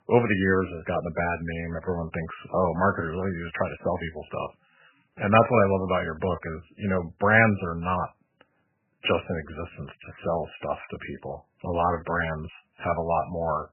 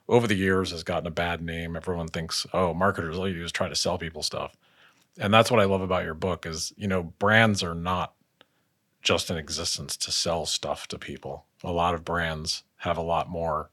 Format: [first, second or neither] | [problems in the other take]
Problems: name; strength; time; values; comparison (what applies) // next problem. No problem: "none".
second | garbled, watery; badly; nothing above 3 kHz